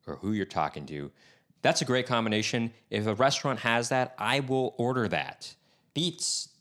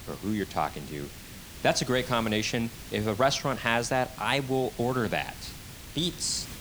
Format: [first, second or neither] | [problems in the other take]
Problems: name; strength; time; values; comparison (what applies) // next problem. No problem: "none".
first | hiss; noticeable; throughout; 15 dB below the speech